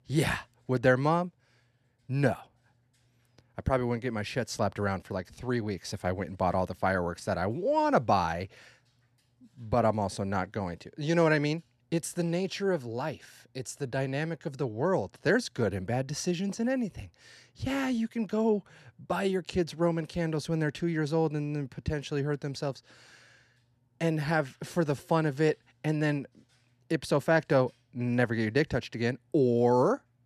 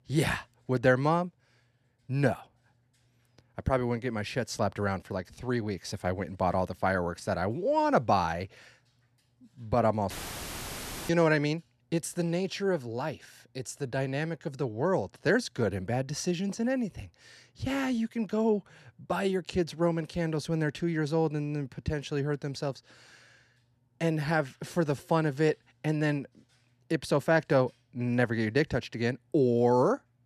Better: first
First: none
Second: audio cutting out; filled with static; at 10 s for 1 s

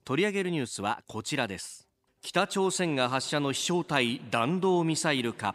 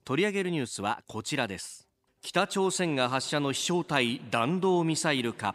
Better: neither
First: none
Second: none

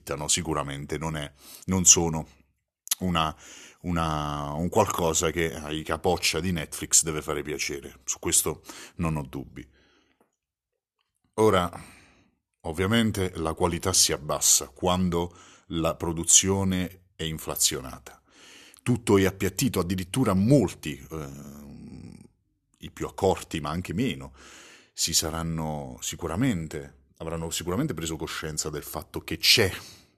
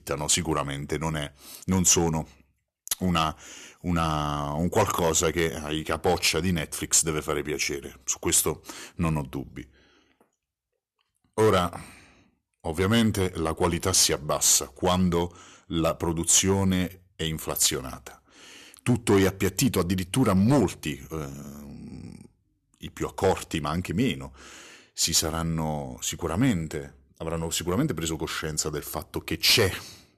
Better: first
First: none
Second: distortion; slight; 2% of the sound clipped

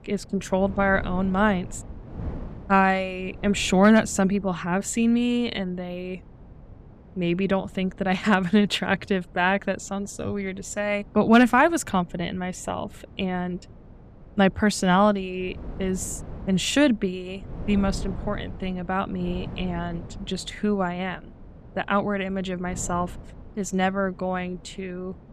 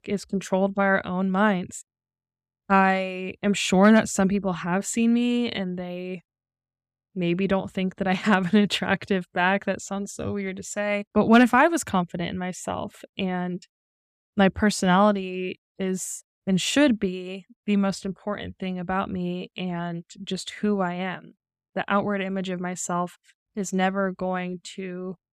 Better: second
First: wind noise on the microphone; occasional gusts; 25 dB below the speech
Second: none

